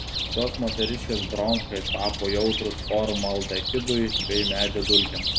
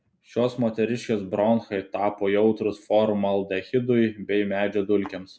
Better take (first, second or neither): second